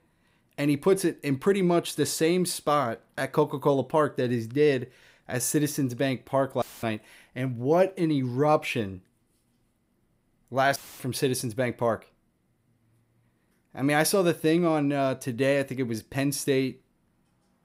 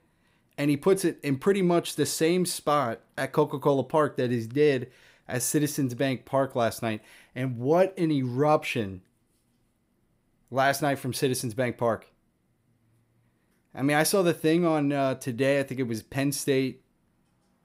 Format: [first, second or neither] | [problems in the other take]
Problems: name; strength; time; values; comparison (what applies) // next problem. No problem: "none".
second | audio cutting out; filled with static; at 6.5 s and at 11 s